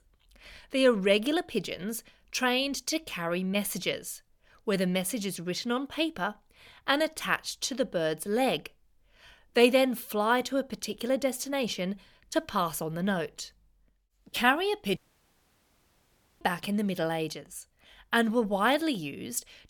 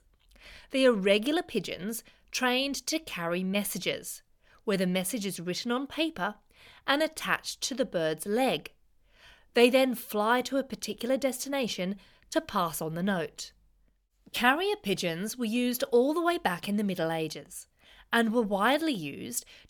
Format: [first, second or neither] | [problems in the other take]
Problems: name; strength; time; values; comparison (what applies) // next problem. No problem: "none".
second | audio cutting out; at 15 s for 1.5 s